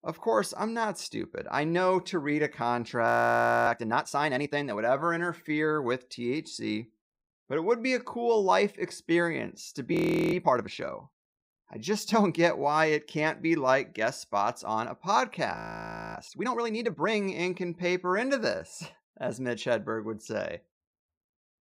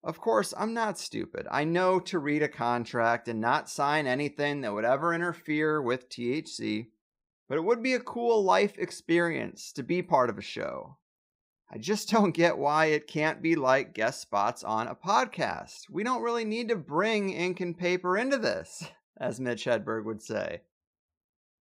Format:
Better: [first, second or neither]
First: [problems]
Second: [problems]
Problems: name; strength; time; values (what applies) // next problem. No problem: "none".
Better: second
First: audio freezing; at 3 s for 0.5 s, at 10 s and at 16 s for 0.5 s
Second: none